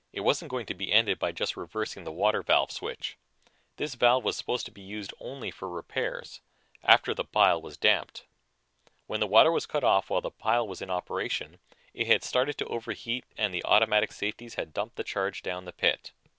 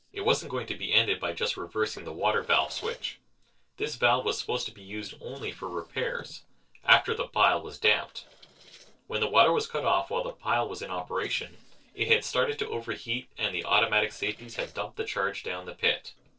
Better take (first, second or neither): first